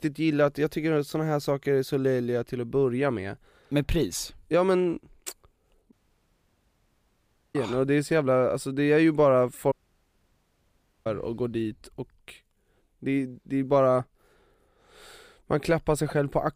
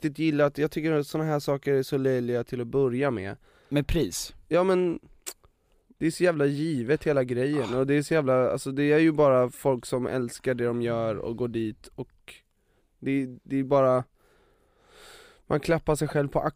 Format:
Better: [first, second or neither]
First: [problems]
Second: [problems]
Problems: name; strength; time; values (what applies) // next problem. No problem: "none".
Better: second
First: audio cutting out; at 6 s for 1.5 s and at 9.5 s for 1.5 s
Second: none